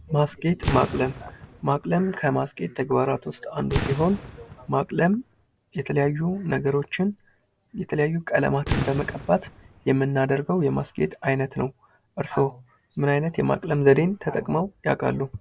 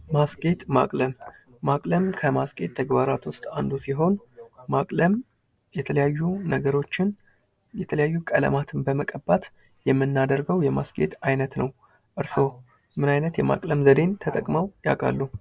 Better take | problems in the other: second | background sound (Fireworks); 8 dB below the speech

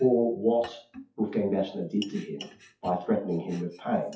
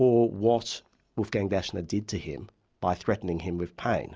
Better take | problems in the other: second | noise reduction (classical method WPE with log-MMSE)

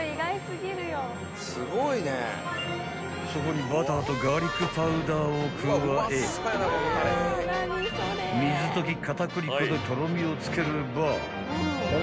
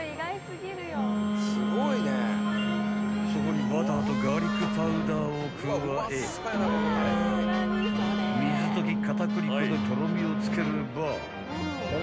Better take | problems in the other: first | background sound (Wind instrument, woodwind instrument); 2 dB above the speech

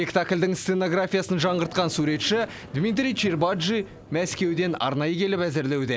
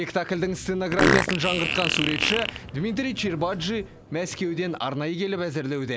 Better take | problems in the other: first | background sound (Fart); as loud as the speech

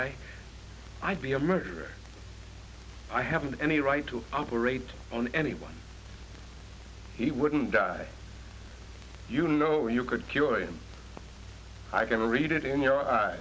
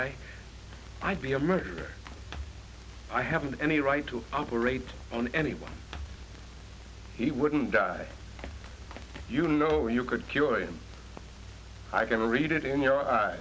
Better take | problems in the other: first | background sound (Run); 15 dB below the speech

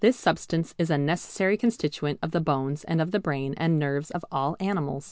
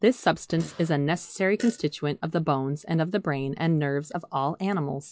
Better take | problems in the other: first | noise reduction (classical method log-MMSE)

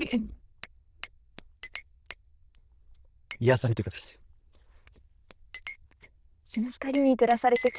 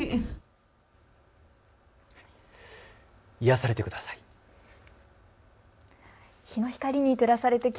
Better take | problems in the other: second | noise reduction (neural diffusion model UNIVERSE++)

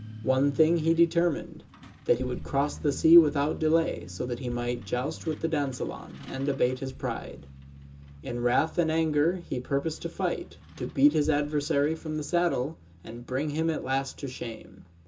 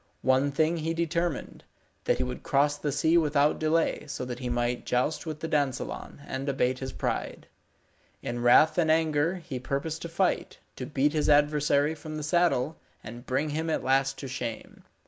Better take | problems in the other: second | background sound (Truck); 18 dB below the speech // room echo; dies away in 0.2 s

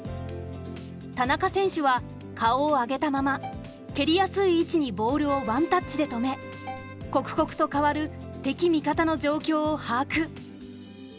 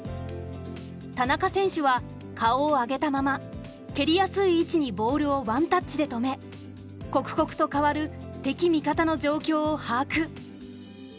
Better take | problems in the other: second | background sound (Keyboard (musical) + Bowed string instrument); 17 dB below the speech

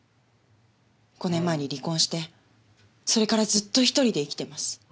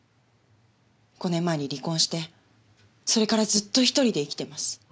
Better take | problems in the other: second | background sound (Bowed string instrument); 17 dB below the speech

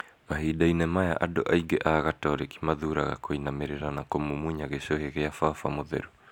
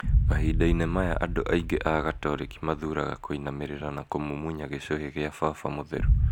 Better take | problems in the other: first | background sound (Boom); as loud as the speech

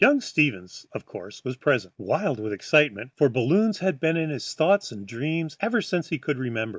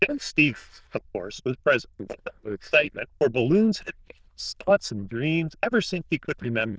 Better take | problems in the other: first | noise reduction (neural diffusion model UNIVERSE++)

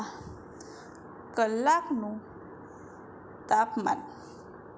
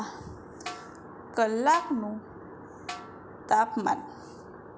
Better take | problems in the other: first | background sound (Snare drum); 15 dB below the speech

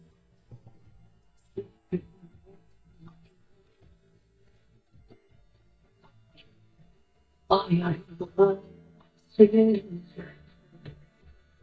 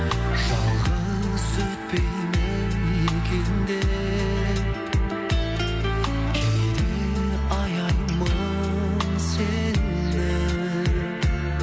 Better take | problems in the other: second | noise reduction (neural mask model DeepFilterNet 3)

